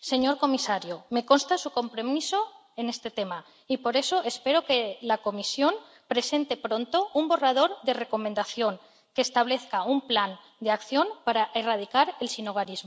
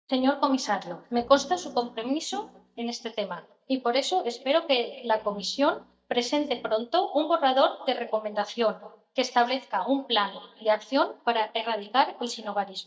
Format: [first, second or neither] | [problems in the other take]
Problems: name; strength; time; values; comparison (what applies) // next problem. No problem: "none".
first | noise reduction (neural mask model DeepFilterNet 3)